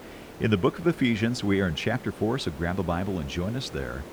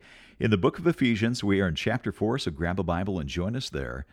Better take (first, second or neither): second